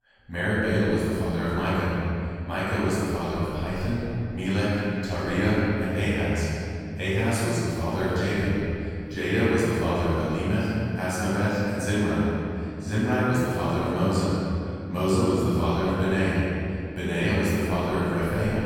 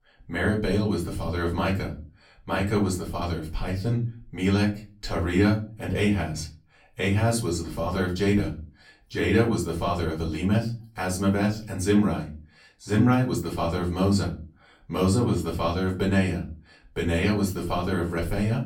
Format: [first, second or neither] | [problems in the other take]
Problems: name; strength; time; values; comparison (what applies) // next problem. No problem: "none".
second | room echo; strong; dies away in 2.5 s; slight in the second // off-mic speech; far; far in the second